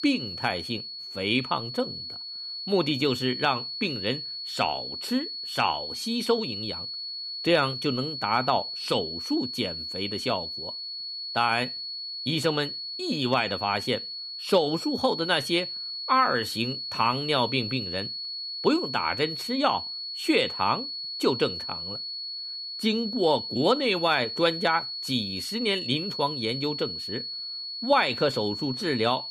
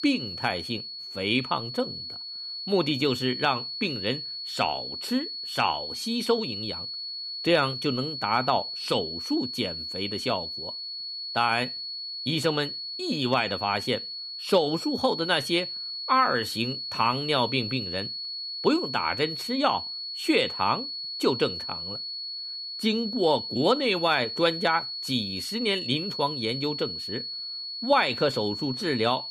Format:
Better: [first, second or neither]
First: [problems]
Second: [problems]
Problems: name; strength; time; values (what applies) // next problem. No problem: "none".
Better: neither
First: high-pitched whine; loud; throughout; 4.5 kHz, 5 dB below the speech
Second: high-pitched whine; loud; throughout; 4.5 kHz, 5 dB below the speech